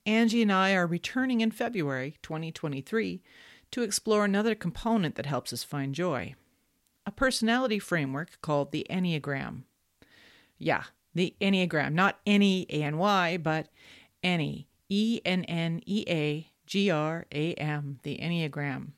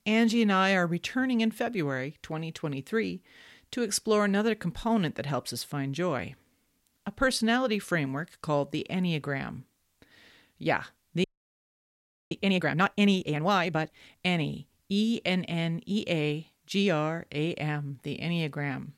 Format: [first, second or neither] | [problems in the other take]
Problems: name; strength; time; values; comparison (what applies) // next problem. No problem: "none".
first | audio freezing; at 11 s for 1 s